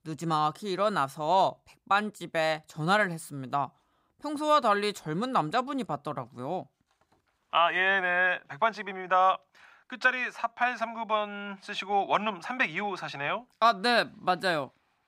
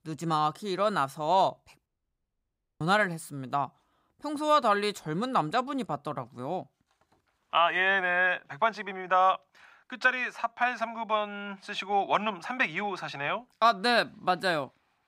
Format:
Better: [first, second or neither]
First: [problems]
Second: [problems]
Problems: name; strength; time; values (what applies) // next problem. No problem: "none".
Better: first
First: none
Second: audio cutting out; at 2 s for 1 s